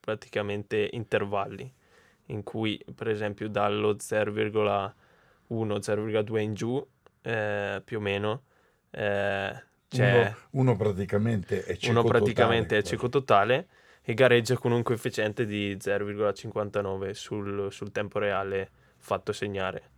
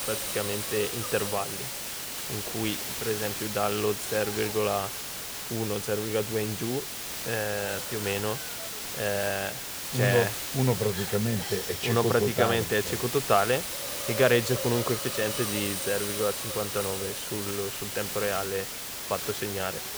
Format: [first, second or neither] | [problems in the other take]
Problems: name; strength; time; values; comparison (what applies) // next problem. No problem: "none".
first | hiss; loud; throughout; 3 dB below the speech